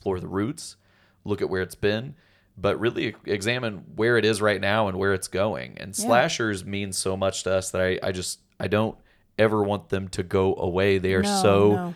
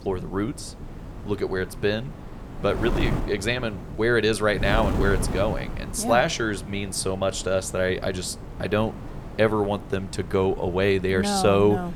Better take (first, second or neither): first